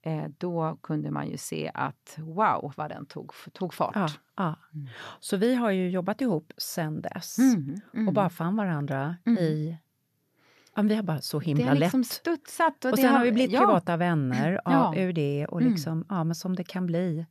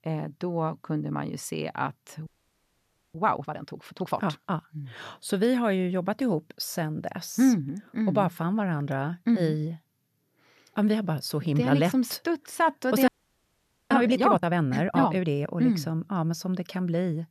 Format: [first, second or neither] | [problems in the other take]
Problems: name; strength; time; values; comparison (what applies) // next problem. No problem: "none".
first | audio freezing; at 2.5 s for 1 s and at 13 s for 1 s